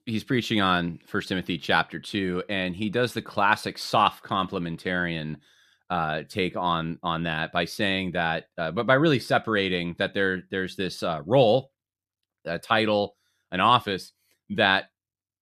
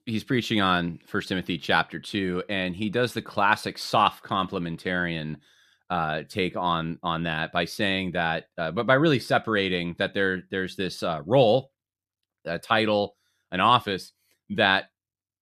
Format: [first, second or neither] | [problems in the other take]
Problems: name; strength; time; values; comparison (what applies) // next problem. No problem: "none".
neither | none